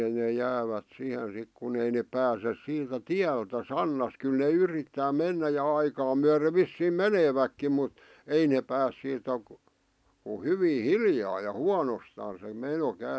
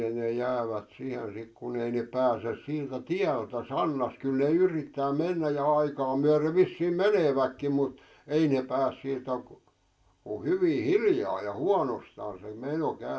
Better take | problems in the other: first | room echo; dies away in 0.2 s

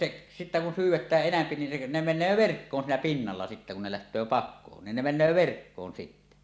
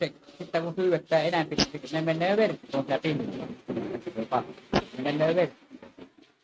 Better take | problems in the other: first | noise reduction (neural mask model RNNoise)

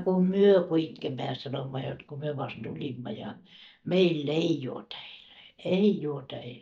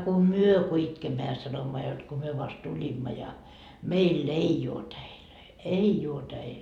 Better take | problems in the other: second | noise reduction (neural mask model DeepFilterNet 3)

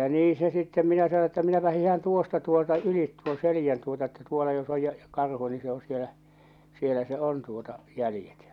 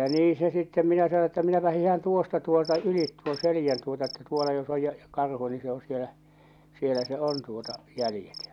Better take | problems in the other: first | background sound (Cricket); 20 dB below the speech

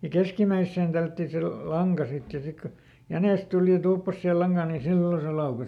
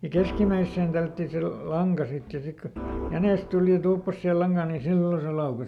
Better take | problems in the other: first | background sound (Organ); 12 dB below the speech

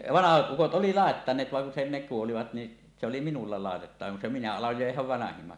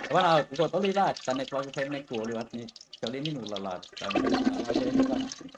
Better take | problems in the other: first | noise reduction (neural mask model RNNoise)

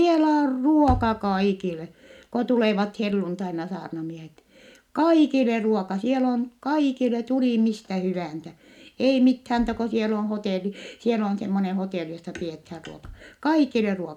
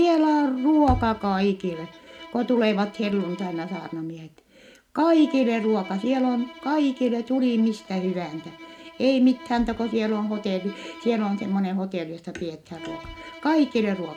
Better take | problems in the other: first | background sound (Bowed string instrument); 19 dB below the speech

